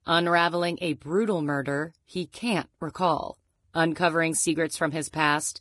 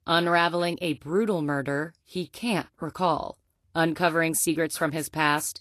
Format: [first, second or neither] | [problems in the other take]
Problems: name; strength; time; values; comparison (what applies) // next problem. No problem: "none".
second | garbled, watery; badly; nothing above 10.5 kHz; slightly in the second